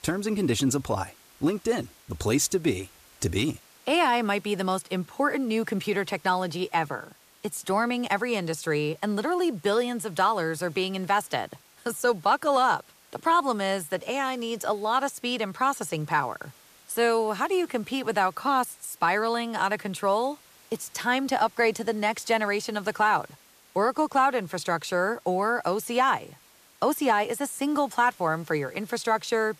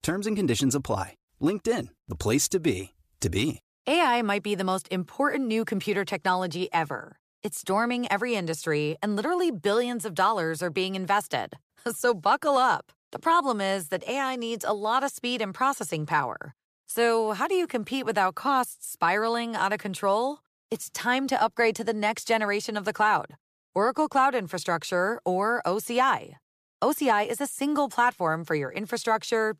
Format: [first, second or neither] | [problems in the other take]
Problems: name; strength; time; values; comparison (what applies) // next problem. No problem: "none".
second | hiss; faint; throughout; 25 dB below the speech